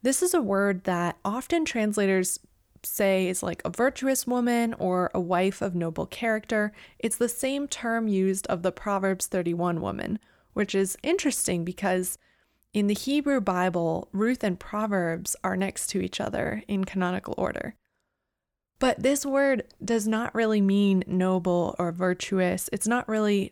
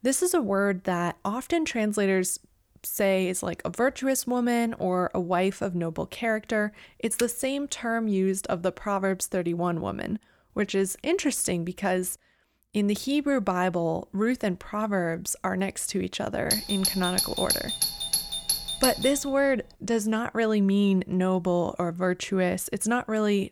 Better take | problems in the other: first | keyboard typing; very faint; at 7 s; peak 9 dB below the speech // doorbell; loud; from 17 to 19 s; peak 2 dB above the speech

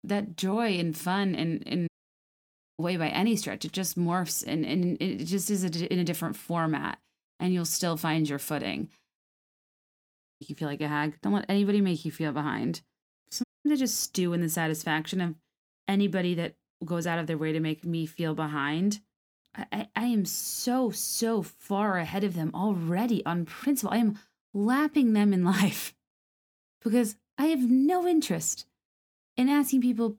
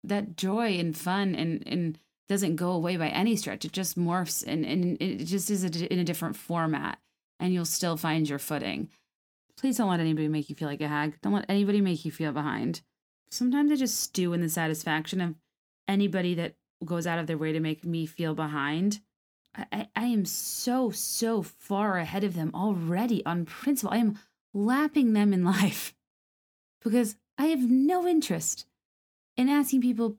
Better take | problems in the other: second | audio cutting out; at 2 s for 1 s, at 9.5 s for 1 s and at 13 s

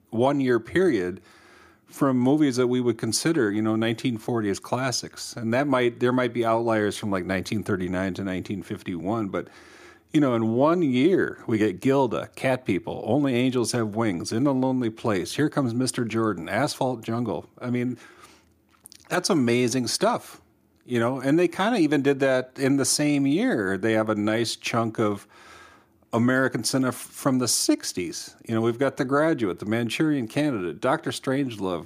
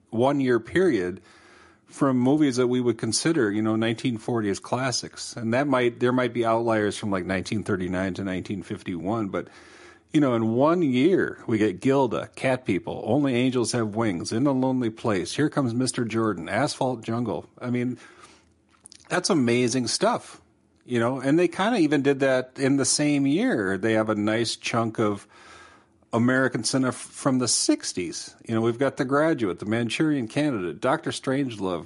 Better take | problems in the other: first | garbled, watery; slightly; nothing above 10.5 kHz

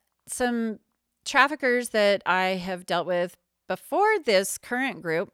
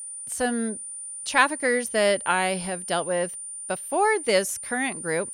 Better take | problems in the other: first | high-pitched whine; loud; throughout; 9 kHz, 9 dB below the speech

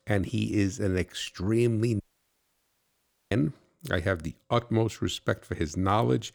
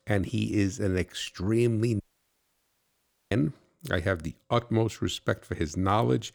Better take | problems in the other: neither | audio cutting out; at 2 s for 1.5 s; the same in both

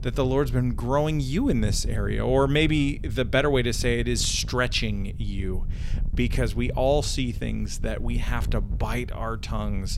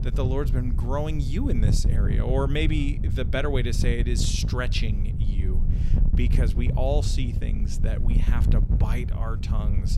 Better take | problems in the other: first | wind noise on the microphone; heavy; 8 dB below the speech; occasional gusts in the first

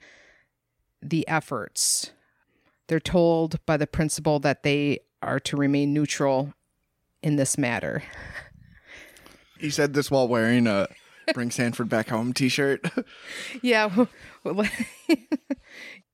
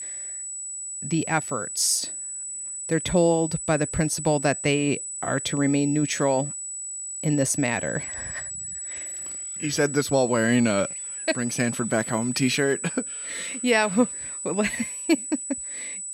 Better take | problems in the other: first | high-pitched whine; loud; throughout; 8 kHz, 6 dB below the speech

